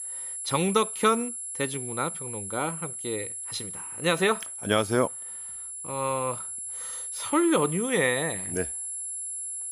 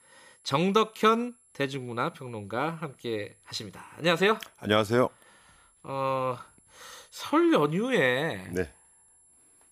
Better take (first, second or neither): second